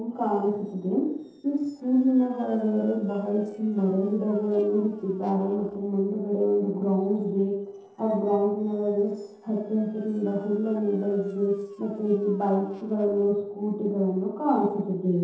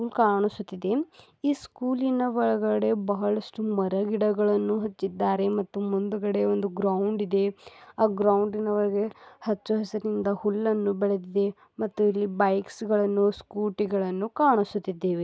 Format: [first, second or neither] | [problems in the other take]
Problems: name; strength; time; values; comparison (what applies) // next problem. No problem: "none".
second | noise reduction (neural separator model SepFormer DNS4)